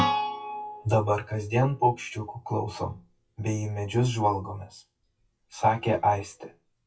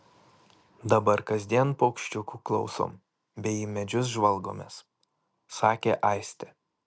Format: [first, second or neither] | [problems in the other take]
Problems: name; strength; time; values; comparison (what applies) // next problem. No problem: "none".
second | noise reduction (classical method WPE with log-MMSE)